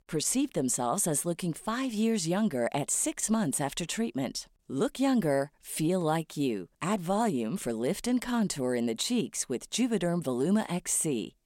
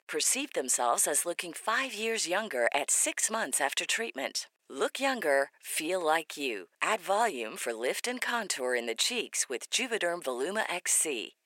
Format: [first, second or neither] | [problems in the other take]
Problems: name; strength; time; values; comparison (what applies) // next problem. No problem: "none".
first | thin; very; fading below 450 Hz